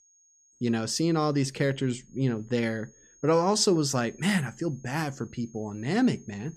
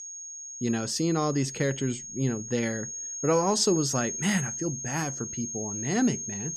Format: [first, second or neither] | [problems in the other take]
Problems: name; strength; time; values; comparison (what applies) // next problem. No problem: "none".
first | high-pitched whine; loud; throughout; 6.5 kHz, 6 dB below the speech; faint in the first